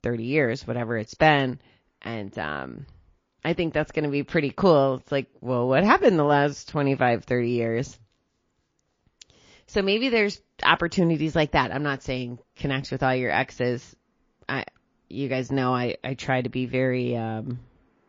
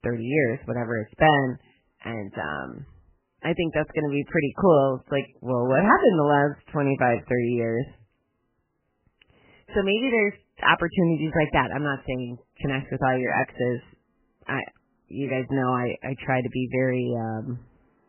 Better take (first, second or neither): first